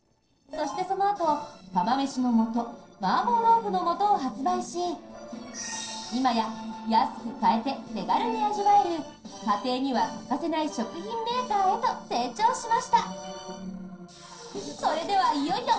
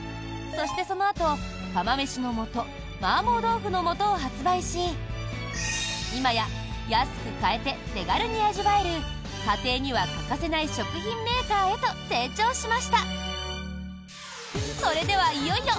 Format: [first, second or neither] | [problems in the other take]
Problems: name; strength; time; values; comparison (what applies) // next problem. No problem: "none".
second | noise reduction (neural separator model SepFormer DNS4)